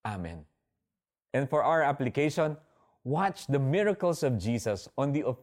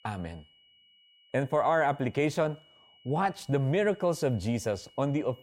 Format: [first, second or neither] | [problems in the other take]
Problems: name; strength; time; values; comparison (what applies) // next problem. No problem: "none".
first | high-pitched whine; faint; throughout; 3 kHz, 30 dB below the speech